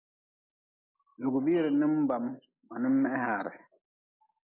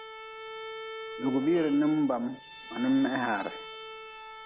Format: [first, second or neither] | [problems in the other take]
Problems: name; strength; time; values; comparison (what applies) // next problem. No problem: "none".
first | background sound (Bowed string instrument); 12 dB below the speech